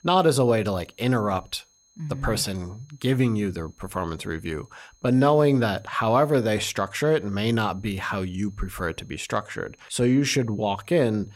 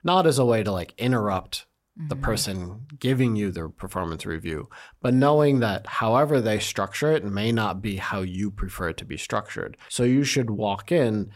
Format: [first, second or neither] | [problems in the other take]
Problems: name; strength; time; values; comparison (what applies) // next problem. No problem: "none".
second | high-pitched whine; faint; throughout; 6.5 kHz, 35 dB below the speech